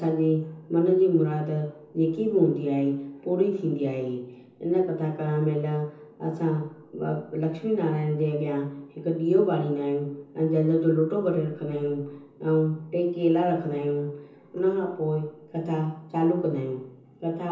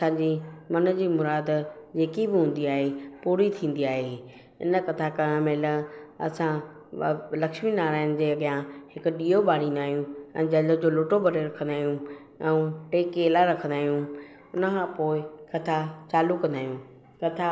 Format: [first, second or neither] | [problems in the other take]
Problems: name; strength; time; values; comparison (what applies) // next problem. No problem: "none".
second | room echo; dies away in 0.6 s